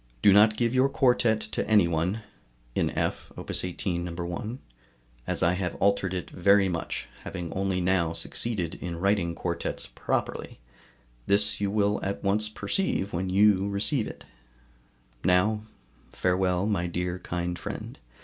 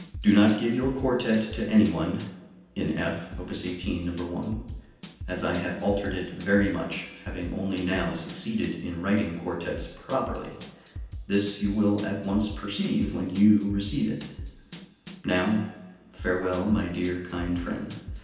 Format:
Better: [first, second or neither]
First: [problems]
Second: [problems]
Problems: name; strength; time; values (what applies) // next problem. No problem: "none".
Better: first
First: none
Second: background sound (Drum / Drum kit); 14 dB below the speech // room echo; dies away in 0.9 s